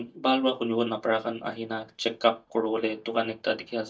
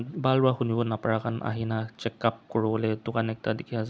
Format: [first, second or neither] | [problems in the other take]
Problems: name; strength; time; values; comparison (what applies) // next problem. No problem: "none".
second | noise reduction (neural mask model DeepFilterNet 3)